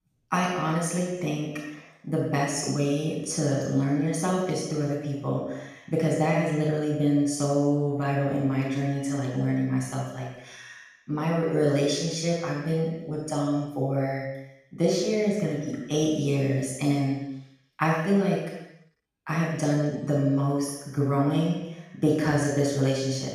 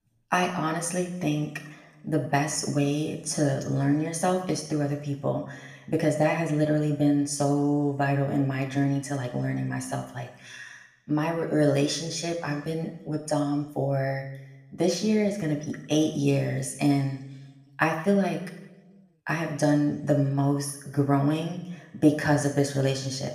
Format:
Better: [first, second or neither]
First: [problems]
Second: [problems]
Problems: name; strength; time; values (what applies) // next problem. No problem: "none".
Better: second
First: room echo; strong; dies away in 0.9 s // off-mic speech; far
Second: room echo; slight; dies away in 0.8 s // off-mic speech; somewhat distant